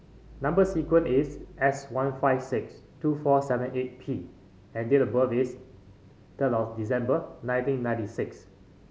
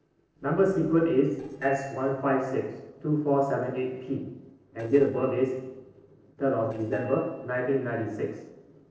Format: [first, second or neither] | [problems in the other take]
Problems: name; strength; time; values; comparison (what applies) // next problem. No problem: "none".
first | noise reduction (neural separator model SepFormer DNS4)